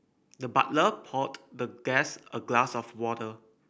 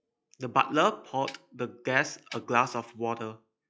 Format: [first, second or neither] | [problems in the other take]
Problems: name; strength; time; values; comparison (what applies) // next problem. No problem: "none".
first | noise reduction (classical method log-MMSE)